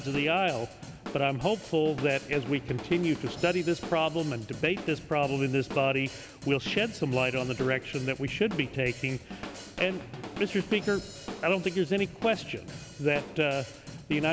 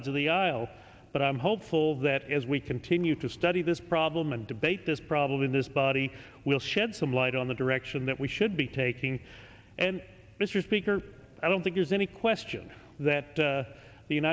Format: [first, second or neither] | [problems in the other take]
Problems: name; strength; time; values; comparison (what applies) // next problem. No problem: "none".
second | background sound (Drum / Drum kit); 13 dB below the speech